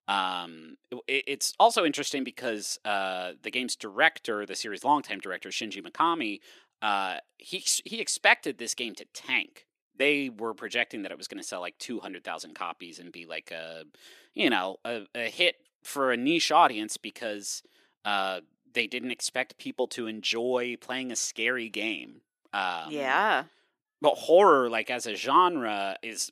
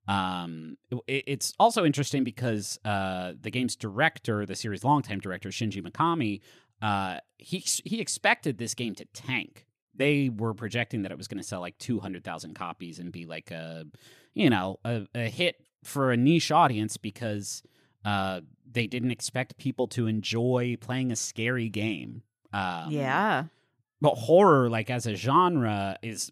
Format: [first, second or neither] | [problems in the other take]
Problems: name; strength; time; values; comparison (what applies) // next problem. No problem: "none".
second | thin; somewhat; fading below 300 Hz